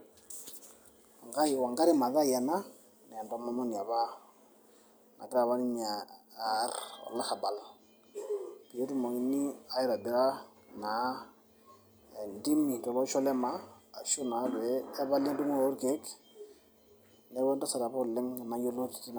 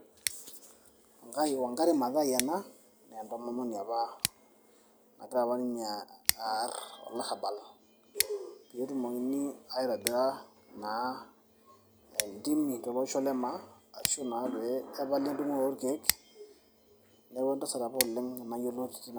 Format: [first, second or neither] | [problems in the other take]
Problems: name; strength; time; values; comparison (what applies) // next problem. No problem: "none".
first | background sound (Scissors); 8 dB below the speech